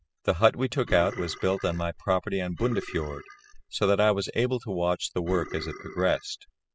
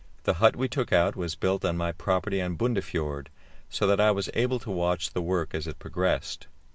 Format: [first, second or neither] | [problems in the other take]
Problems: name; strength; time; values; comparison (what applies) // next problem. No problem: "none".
second | noise reduction (classical method spectral subtraction)